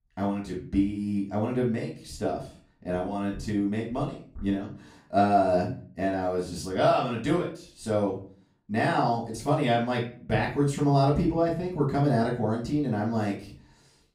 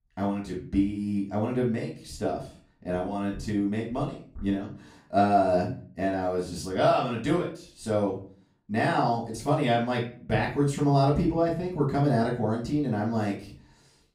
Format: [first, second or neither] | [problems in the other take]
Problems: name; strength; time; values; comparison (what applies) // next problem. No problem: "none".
neither | off-mic speech; far; the same in both // room echo; slight; dies away in 0.3 s; the same in both